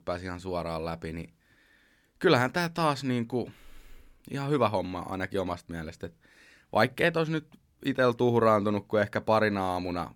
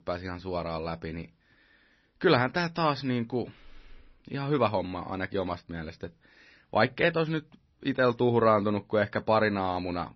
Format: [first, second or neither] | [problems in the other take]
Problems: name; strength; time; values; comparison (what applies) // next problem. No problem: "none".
first | garbled, watery; slightly; nothing above 5.5 kHz